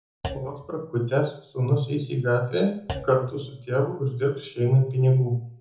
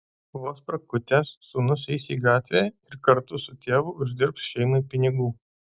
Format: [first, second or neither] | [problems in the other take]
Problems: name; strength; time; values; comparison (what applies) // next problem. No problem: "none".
second | background sound (Thump, thud); 17 dB below the speech // room echo; dies away in 1 s